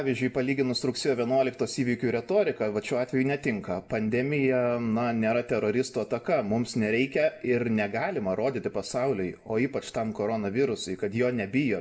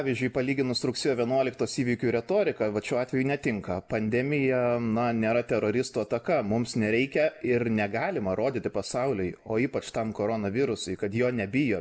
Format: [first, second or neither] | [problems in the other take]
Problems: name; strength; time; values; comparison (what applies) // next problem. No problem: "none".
second | room echo; dies away in 0.3 s